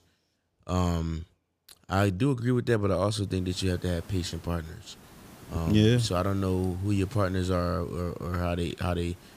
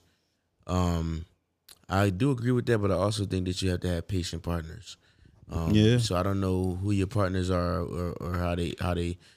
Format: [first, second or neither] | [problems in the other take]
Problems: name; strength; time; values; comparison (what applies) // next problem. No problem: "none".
second | hiss; faint; from 3.5 s on; 25 dB below the speech